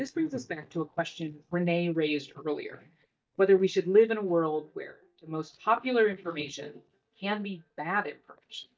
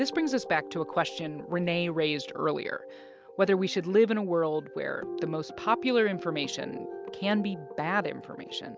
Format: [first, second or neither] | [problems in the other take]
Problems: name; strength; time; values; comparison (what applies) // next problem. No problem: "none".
second | noise reduction (neural mask model DeepFilterNet 3)